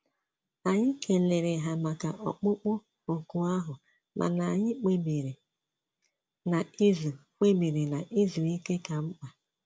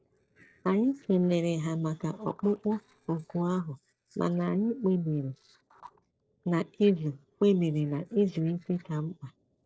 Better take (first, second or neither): first